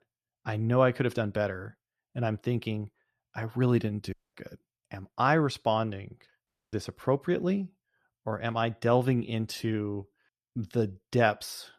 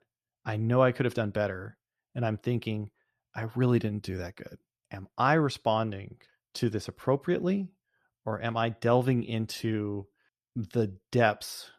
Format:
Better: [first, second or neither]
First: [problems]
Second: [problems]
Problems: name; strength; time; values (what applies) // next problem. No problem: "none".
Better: second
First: audio cutting out; at 4 s and at 6.5 s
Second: none